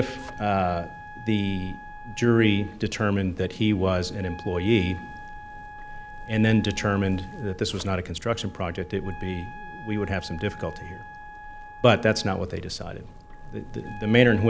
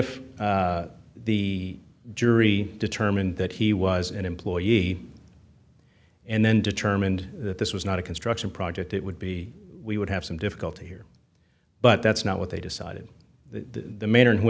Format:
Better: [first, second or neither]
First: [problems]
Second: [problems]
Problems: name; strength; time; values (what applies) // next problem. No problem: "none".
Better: second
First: background sound (Wind instrument, woodwind instrument + Zipper (clothing)); 15 dB below the speech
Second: none